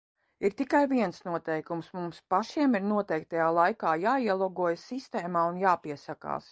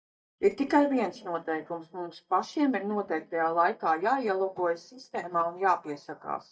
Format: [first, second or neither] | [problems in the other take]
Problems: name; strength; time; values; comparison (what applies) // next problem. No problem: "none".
first | noise reduction (neural mask model DeepFilterNet 3)